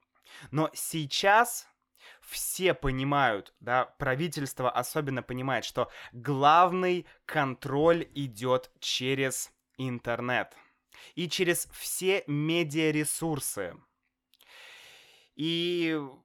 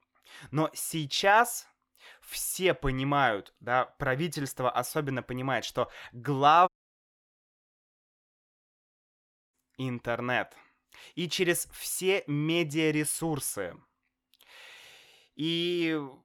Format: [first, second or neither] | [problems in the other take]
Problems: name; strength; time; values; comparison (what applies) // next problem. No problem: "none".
first | audio cutting out; at 6.5 s for 3 s